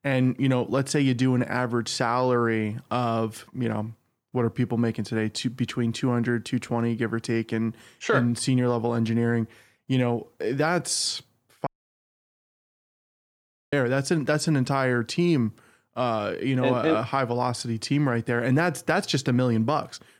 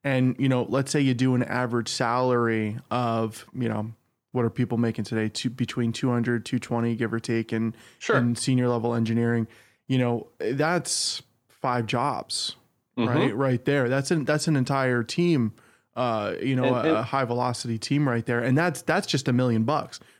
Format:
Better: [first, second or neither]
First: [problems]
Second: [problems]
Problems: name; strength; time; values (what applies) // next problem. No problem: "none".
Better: second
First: audio cutting out; at 12 s for 2 s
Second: none